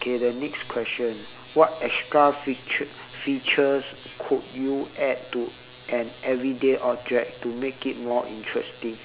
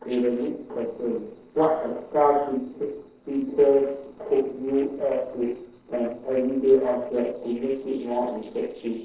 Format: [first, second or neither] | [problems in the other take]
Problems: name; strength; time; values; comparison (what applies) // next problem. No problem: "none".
first | noise reduction (neural separator model SepFormer DNS4)